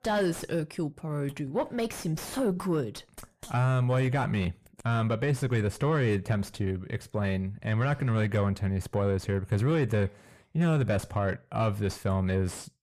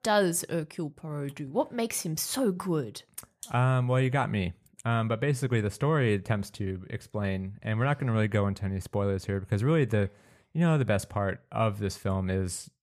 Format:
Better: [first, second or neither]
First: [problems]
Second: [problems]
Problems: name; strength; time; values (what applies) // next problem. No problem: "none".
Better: second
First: distortion; slight; 9 dB below the speech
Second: none